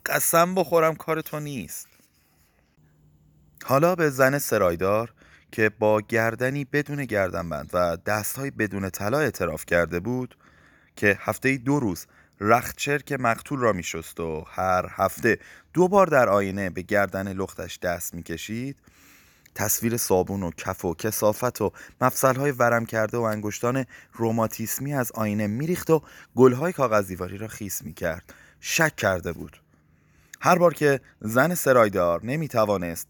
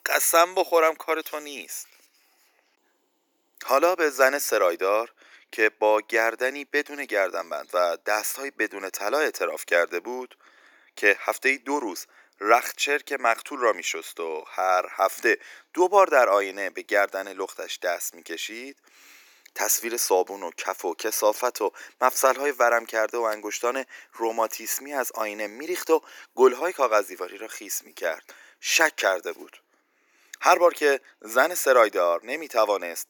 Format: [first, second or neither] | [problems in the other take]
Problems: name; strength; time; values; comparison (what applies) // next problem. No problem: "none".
first | thin; very; fading below 300 Hz